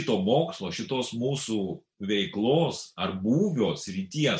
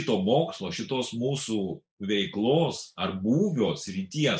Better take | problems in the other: first | noise reduction (neural mask model Resemble Enhance denoiser)

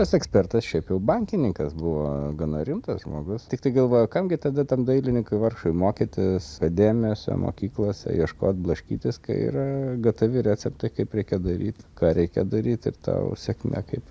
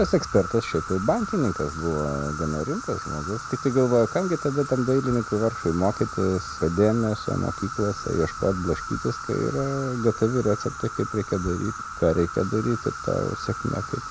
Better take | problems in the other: first | background sound (Insect); 10 dB below the speech

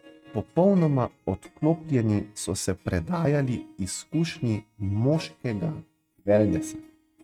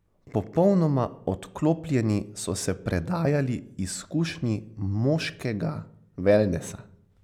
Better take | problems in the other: second | noise reduction (neural mask model RNNoise)

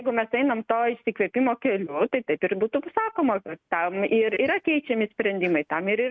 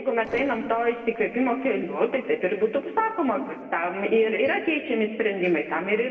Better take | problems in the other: first | noise reduction (neural separator model SepFormer DNS4)

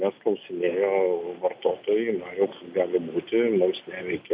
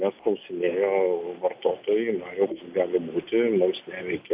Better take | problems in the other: first | noise reduction (neural mask model Resemble Enhance denoiser)

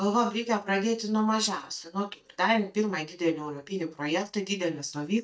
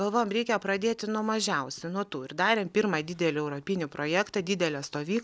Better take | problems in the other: second | noise reduction (neural mask model DeepFilterNet 3)

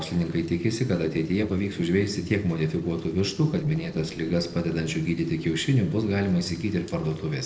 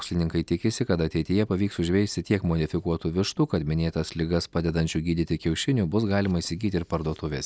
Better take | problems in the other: second | noise reduction (neural separator model SepFormer DNS4)

